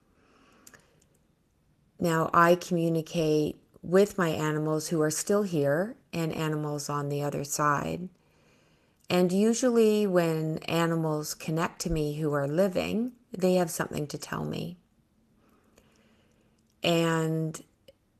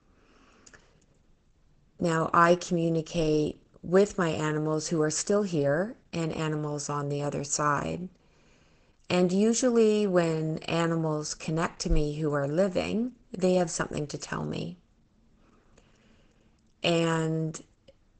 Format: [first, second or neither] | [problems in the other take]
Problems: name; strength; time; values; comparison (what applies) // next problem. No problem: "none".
first | garbled, watery; badly; nothing above 8 kHz; slightly in the first